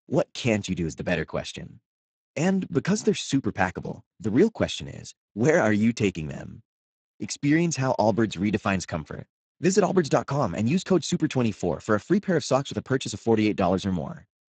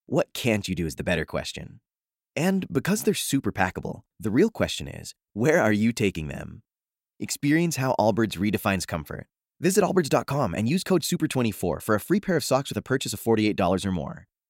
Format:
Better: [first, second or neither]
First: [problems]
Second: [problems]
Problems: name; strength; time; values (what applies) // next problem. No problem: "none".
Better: second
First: garbled, watery; badly; nothing above 7.5 kHz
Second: none